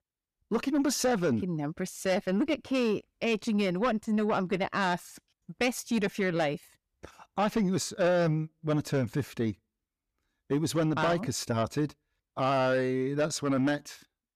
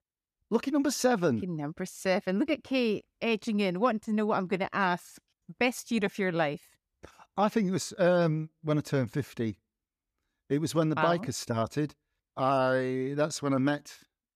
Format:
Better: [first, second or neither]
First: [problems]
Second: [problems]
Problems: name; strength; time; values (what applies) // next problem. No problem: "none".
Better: second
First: distortion; slight; 10 dB below the speech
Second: none